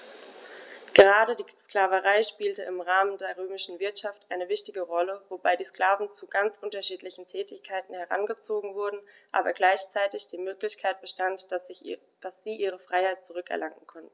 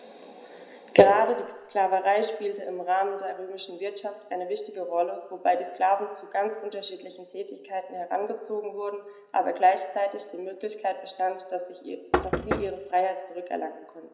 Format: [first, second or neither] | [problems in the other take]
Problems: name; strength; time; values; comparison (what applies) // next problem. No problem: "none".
first | background sound (Knock); 3 dB below the speech // room echo; dies away in 0.9 s